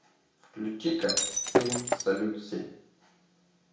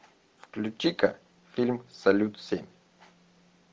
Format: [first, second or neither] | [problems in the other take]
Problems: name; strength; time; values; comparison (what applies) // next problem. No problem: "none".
second | background sound (Shatter); 5 dB above the speech // room echo; dies away in 0.6 s